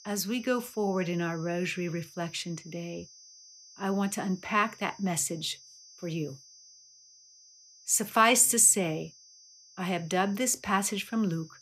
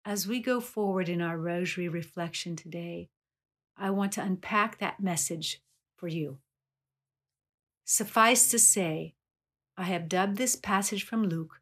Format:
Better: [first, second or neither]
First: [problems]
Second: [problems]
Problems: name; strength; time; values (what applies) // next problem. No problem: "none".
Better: second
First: high-pitched whine; faint; throughout; 6 kHz, 25 dB below the speech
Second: none